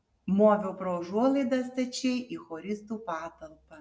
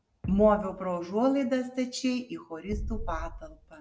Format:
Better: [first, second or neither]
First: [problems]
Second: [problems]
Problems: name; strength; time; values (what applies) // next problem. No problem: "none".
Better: first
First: none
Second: background sound (Thump, thud); 11 dB below the speech